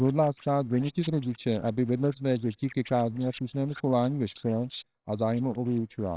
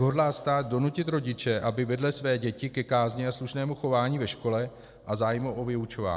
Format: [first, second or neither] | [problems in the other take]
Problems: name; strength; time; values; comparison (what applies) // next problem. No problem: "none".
second | noise reduction (neural separator model SepFormer WHAMR!)